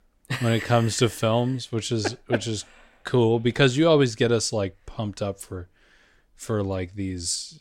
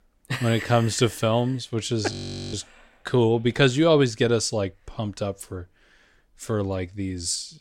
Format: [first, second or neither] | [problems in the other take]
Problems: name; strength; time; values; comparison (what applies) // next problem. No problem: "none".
first | audio freezing; at 2 s